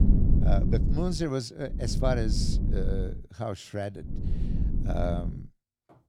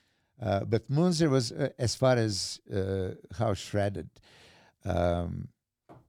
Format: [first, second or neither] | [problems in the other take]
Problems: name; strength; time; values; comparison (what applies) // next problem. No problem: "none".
second | low rumble; loud; until 1 s, from 2 to 3 s and from 4 to 5.5 s; 7 dB below the speech